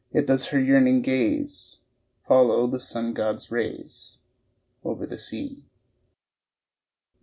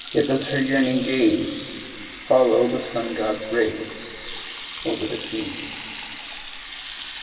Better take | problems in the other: first | background sound (Sink (filling or washing) / Water tap, faucet); 11 dB below the speech // room echo; dies away in 2.3 s

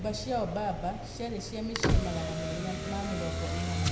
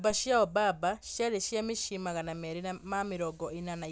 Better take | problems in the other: second | background sound (Motor vehicle (road)); 4 dB above the speech // room echo; dies away in 0.7 s

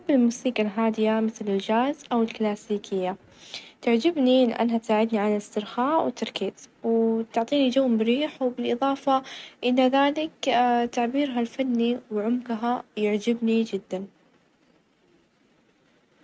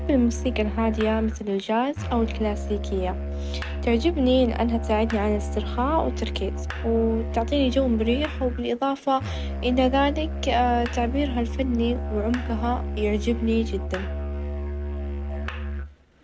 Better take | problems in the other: first | background sound (Musical instrument); 4 dB below the speech

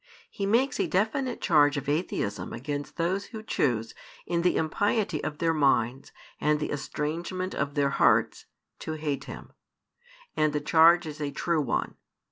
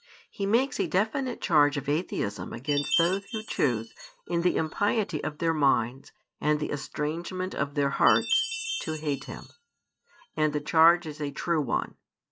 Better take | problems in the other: first | noise reduction (neural mask model RNNoise)

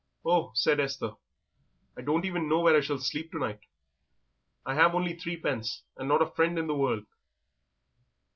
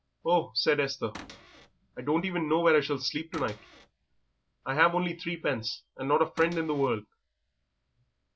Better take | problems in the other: first | background sound (Cupboard open or close / Door); 17 dB below the speech

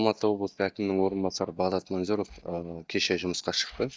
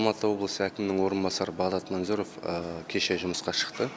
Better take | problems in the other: second | noise reduction (neural mask model DeepFilterNet 3)

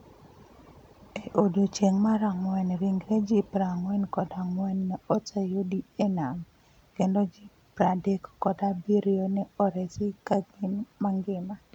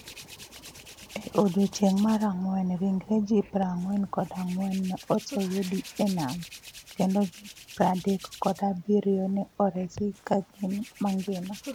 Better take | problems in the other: first | background sound (Hands); 19 dB below the speech

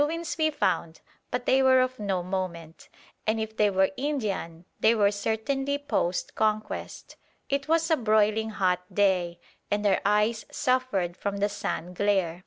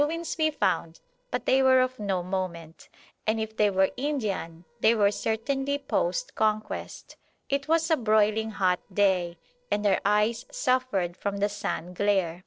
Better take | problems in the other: first | noise reduction (neural separator model SepFormer DNS4)

